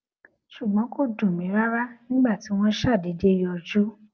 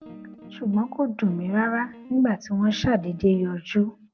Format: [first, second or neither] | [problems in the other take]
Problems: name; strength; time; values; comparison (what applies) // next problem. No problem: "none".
first | background sound (Guitar); 19 dB below the speech